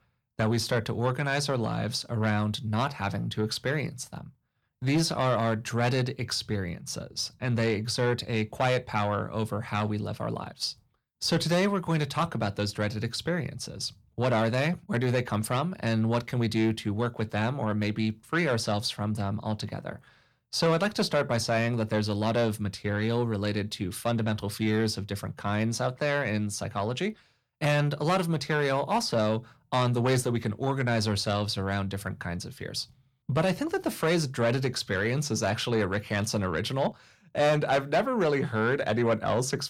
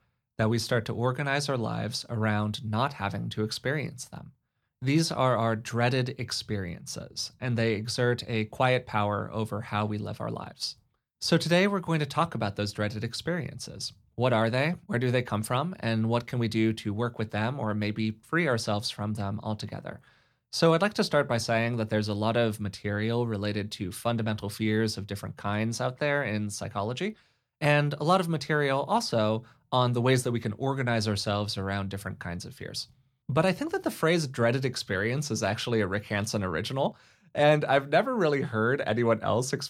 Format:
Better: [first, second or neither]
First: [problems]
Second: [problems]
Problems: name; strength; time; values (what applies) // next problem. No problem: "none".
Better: second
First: distortion; slight; 10 dB below the speech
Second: none